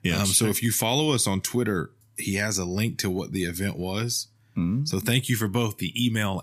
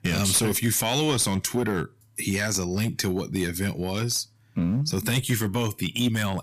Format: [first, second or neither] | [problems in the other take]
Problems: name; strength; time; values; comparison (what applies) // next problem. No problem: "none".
first | distortion; slight; 6% of the sound clipped